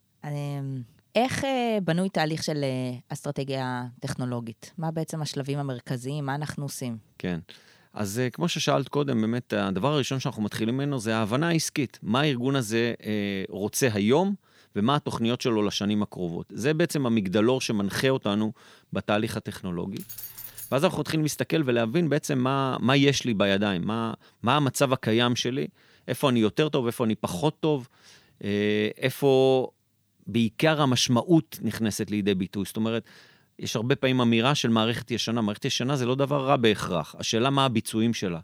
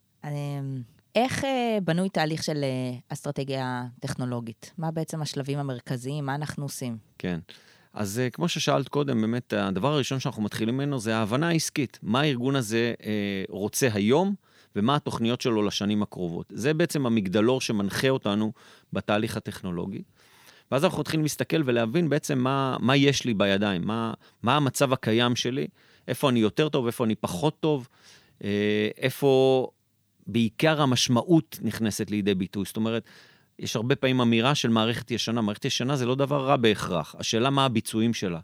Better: second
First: jangling keys; faint; at 20 s; peak 10 dB below the speech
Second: none

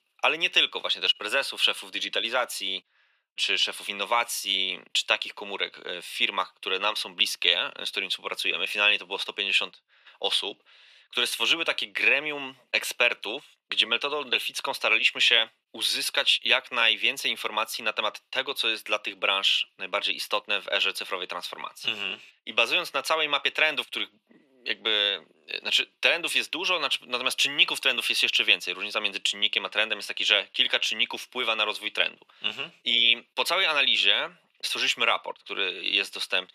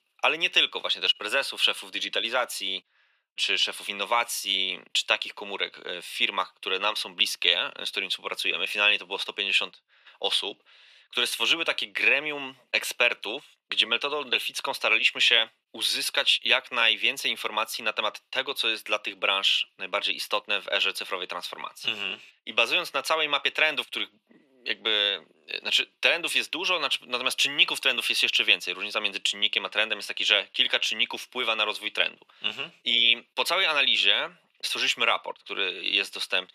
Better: neither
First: thin; very; fading below 700 Hz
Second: thin; very; fading below 700 Hz

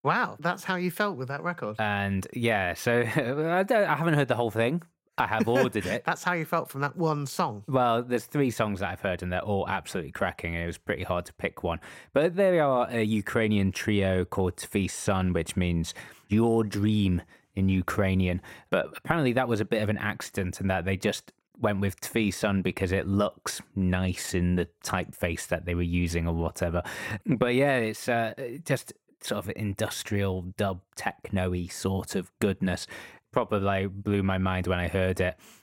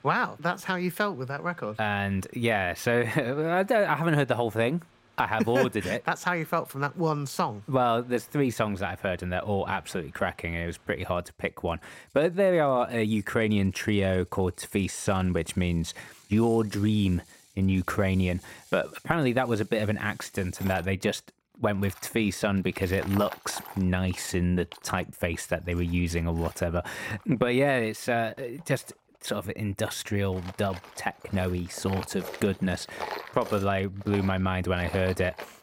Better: first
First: none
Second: machinery noise; noticeable; throughout; 15 dB below the speech

